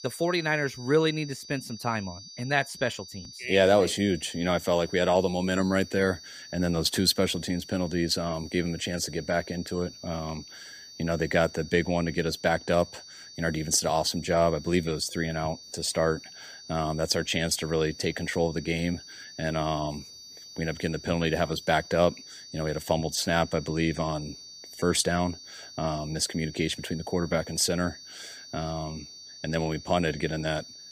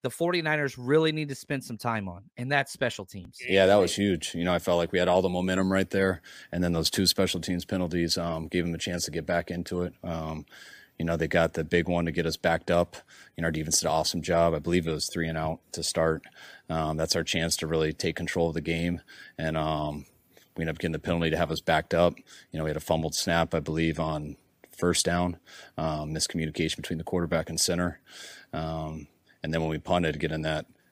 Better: second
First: high-pitched whine; noticeable; throughout; 4.5 kHz, 15 dB below the speech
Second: none

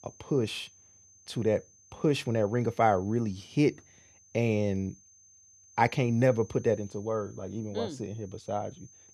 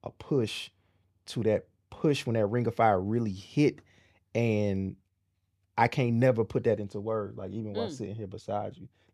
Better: second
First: high-pitched whine; faint; throughout; 6.5 kHz, 25 dB below the speech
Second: none

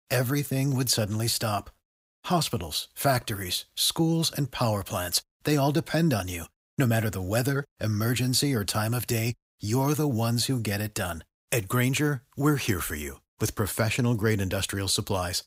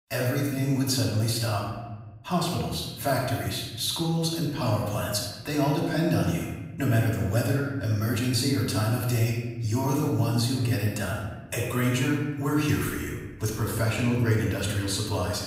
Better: first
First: none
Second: off-mic speech; far // room echo; noticeable; dies away in 1.2 s

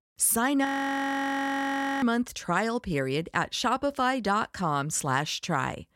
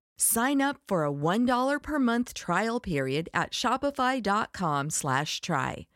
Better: second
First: audio freezing; at 0.5 s for 1.5 s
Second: none

